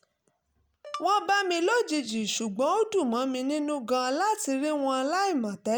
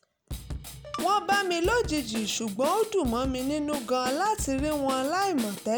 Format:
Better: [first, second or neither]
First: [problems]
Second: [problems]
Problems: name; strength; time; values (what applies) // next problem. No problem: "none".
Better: first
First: none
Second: background sound (Drum kit); 10 dB below the speech